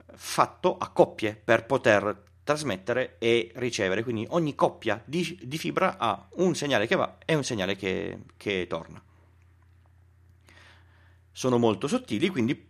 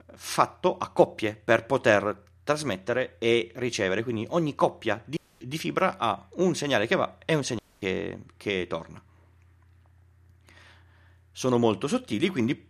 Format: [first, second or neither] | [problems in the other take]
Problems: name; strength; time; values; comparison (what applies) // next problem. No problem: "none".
first | audio cutting out; at 5 s and at 7.5 s